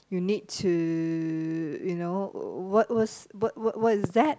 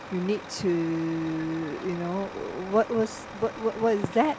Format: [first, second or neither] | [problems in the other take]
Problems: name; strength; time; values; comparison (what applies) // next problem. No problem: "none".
first | background sound (Truck); 13 dB below the speech